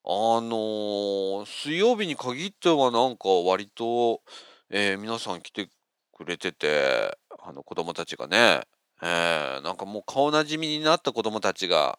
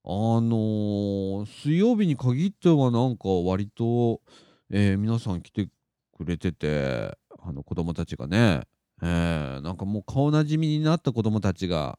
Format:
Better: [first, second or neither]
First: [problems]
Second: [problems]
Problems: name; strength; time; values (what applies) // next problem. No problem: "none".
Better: second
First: thin; very; fading below 650 Hz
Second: none